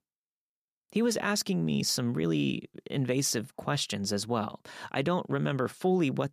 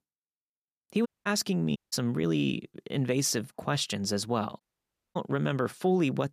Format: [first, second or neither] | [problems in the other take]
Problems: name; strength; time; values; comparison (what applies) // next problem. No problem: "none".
first | audio cutting out; at 1 s, at 2 s and at 4.5 s for 0.5 s